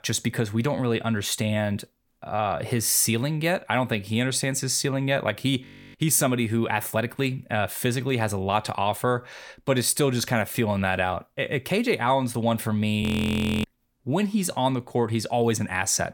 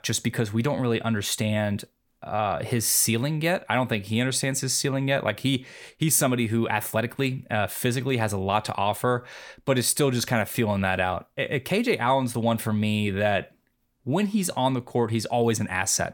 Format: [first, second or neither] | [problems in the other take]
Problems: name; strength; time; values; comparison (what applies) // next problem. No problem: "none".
second | audio freezing; at 5.5 s and at 13 s for 0.5 s